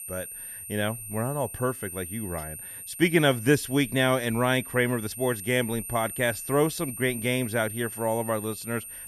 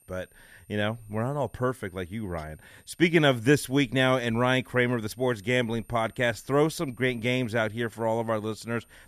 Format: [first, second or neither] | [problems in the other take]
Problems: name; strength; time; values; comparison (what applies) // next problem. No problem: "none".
second | high-pitched whine; loud; throughout; 9 kHz, 10 dB below the speech; faint in the second